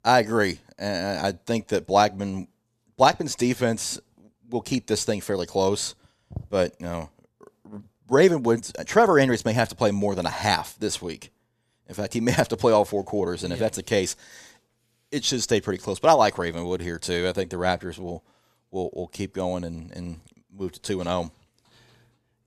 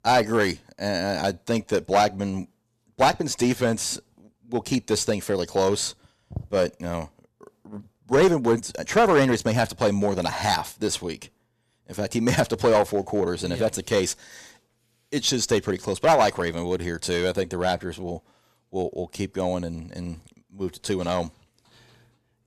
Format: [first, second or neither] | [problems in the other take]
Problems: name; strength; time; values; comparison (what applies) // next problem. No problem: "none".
first | distortion; slight; 2% of the sound clipped